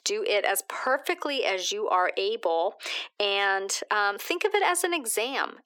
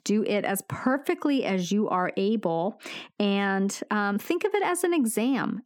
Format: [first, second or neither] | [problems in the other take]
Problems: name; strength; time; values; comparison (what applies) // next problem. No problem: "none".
second | thin; very; fading below 400 Hz